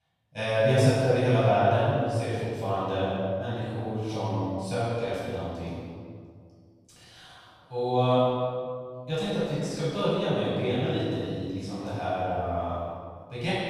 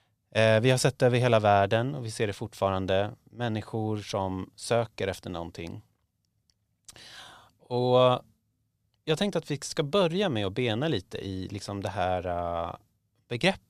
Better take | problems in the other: second | room echo; strong; dies away in 1.8 s // off-mic speech; far

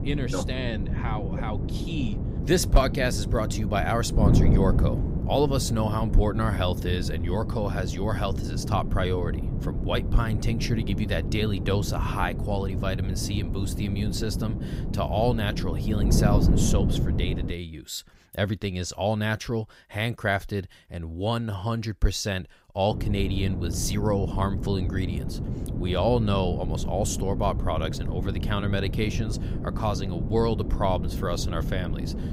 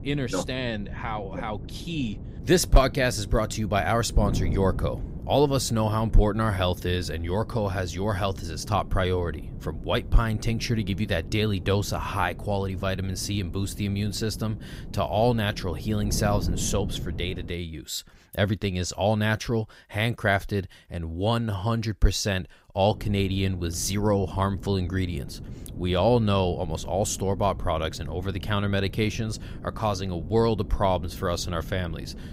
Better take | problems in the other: second | wind noise on the microphone; heavy; until 18 s and from 23 s on; 8 dB below the speech; occasional gusts in the second

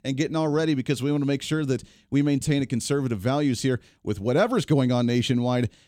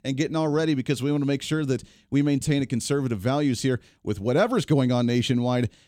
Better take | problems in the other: neither | none

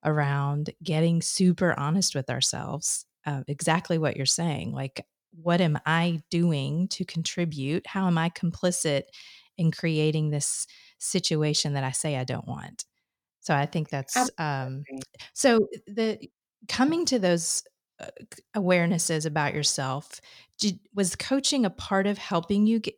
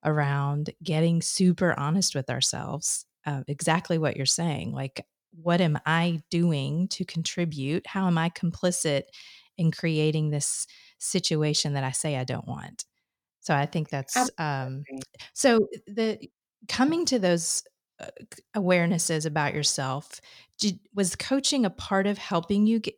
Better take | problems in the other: neither | none

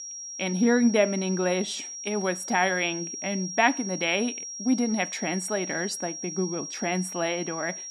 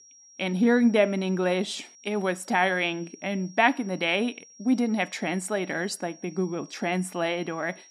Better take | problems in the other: second | high-pitched whine; loud; throughout; 5.5 kHz, 7 dB below the speech; faint in the second

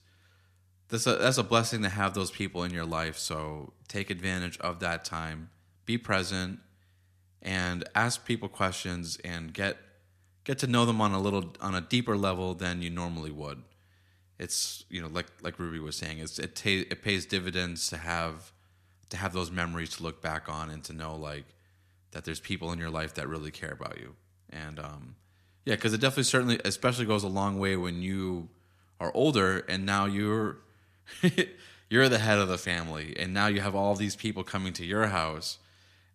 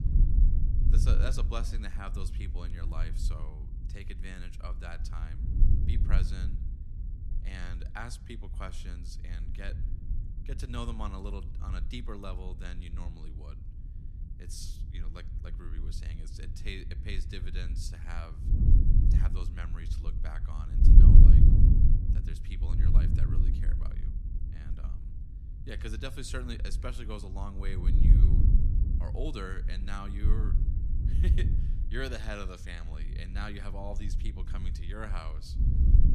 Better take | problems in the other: first | wind noise on the microphone; heavy; 2 dB below the speech

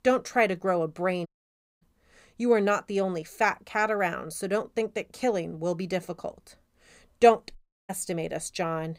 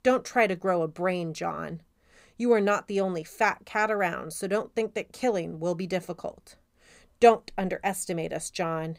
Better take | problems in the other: second | audio cutting out; at 1.5 s for 0.5 s and at 7.5 s

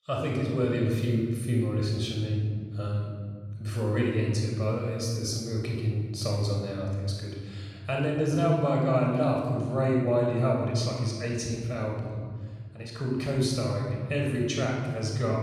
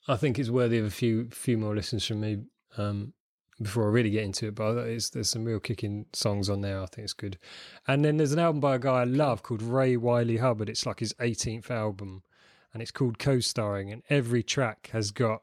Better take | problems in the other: second | off-mic speech; somewhat distant // room echo; noticeable; dies away in 2.4 s

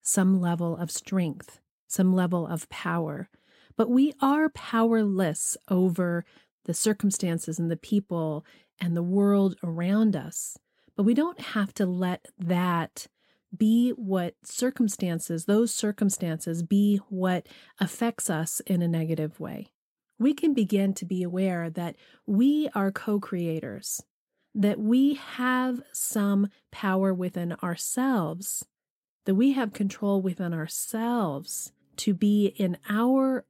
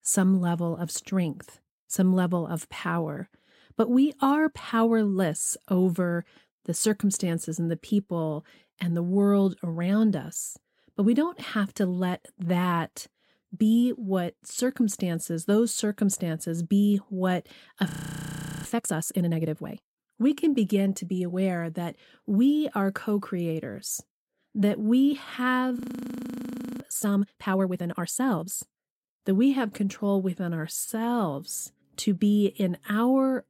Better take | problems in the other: first | audio freezing; at 18 s for 1 s and at 26 s for 1 s

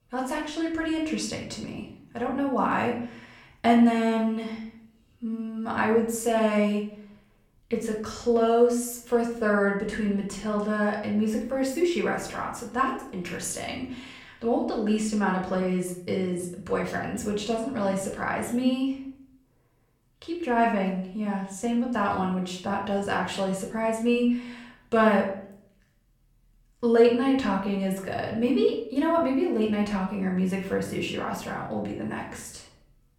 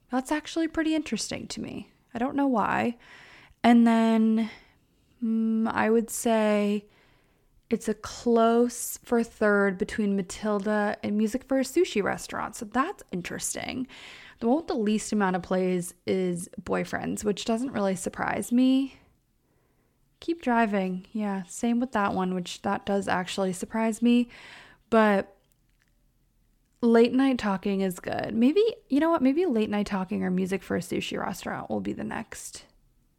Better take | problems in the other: second | off-mic speech; far // room echo; slight; dies away in 0.5 s

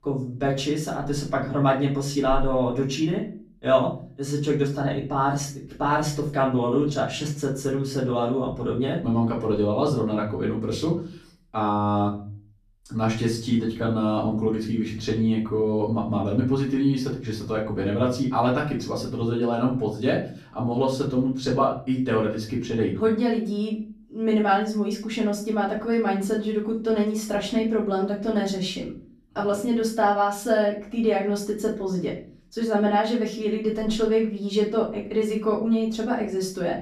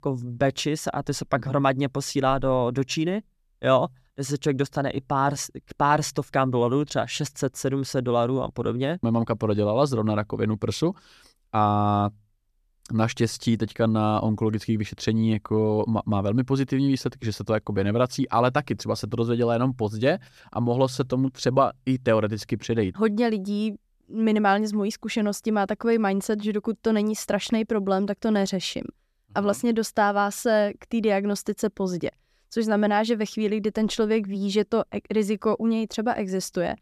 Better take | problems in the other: second | off-mic speech; far // room echo; slight; dies away in 0.4 s

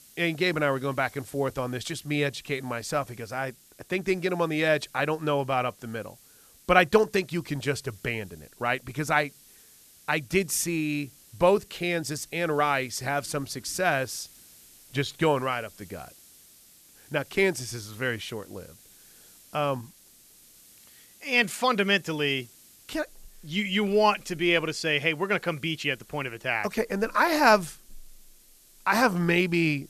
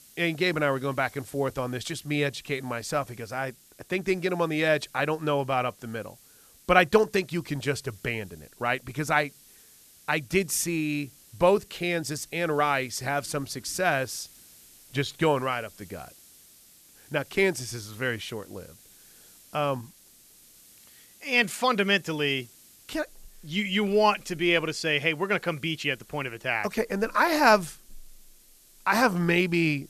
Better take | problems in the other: neither | hiss; faint; throughout; 25 dB below the speech; the same in both

